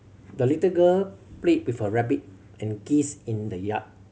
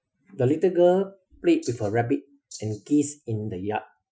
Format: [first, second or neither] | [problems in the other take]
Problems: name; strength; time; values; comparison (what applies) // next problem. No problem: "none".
first | noise reduction (classical method Wiener filter)